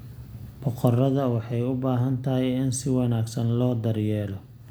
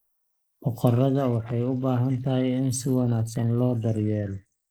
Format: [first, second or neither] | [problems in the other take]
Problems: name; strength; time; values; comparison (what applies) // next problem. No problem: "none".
first | noise reduction (neural mask model Resemble Enhance denoiser)